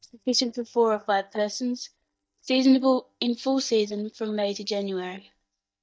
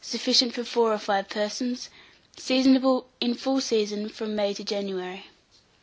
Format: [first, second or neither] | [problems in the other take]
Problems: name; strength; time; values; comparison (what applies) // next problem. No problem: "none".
second | noise reduction (neural mask model DeepFilterNet 3)